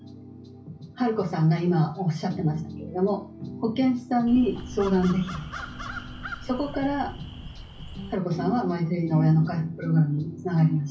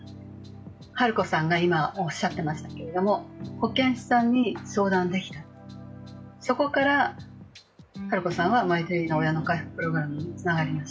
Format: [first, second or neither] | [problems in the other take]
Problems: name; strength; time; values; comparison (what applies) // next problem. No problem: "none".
second | background sound (Crow); 12 dB below the speech // room echo; dies away in 0.5 s